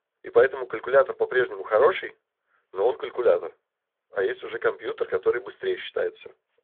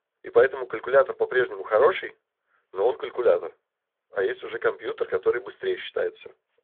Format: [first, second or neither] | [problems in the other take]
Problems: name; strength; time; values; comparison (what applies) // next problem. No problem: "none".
neither | phone-call audio; nothing above 3.5 kHz; the same in both